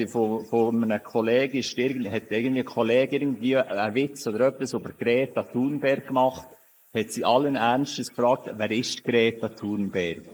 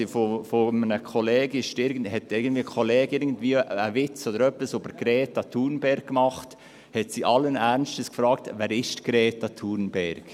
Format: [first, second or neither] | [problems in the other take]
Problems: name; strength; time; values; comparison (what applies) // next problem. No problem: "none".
second | noise reduction (neural mask model Resemble Enhance denoiser)